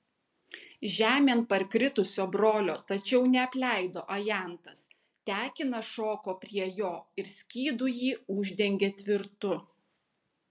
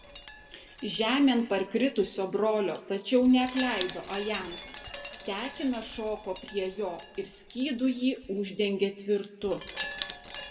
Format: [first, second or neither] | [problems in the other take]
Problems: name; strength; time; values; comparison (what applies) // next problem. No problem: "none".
first | background sound (Wind chime); 15 dB below the speech // room echo; dies away in 1.3 s